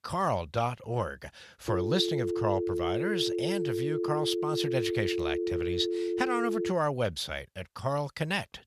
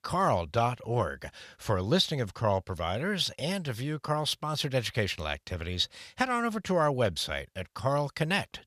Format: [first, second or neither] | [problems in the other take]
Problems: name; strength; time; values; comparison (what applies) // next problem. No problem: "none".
second | phone ringing; loud; from 1.5 to 6.5 s; peak 1 dB above the speech